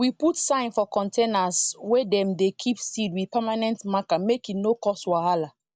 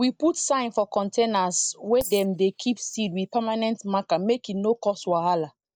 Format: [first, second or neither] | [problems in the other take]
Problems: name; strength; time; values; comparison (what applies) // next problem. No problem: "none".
first | noise reduction (neural mask model DeepFilterNet 3)